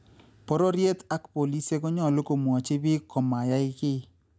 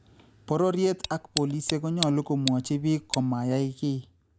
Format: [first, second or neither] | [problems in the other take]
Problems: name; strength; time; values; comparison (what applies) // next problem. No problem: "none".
first | background sound (Tick); 9 dB below the speech